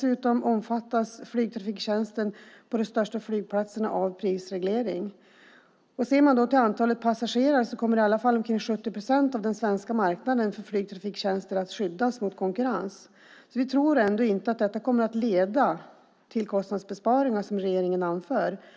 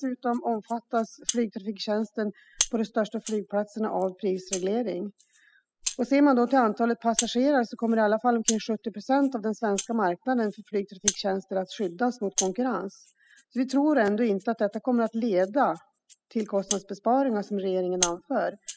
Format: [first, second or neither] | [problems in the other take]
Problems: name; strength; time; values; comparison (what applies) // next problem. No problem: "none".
first | noise reduction (classical method spectral subtraction)